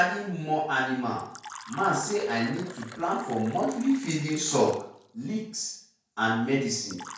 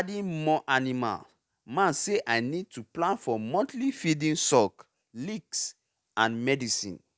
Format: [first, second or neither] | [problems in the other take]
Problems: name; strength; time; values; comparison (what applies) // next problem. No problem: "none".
second | background sound (Fill (with liquid)); 18 dB below the speech // room echo; dies away in 0.5 s